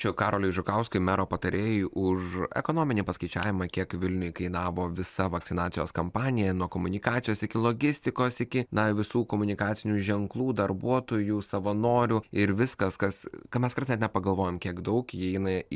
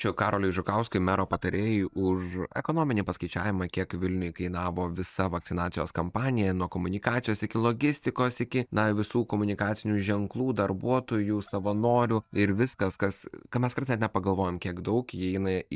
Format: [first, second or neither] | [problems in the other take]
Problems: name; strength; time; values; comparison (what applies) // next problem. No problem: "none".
first | noise reduction (neural mask model DeepFilterNet 3)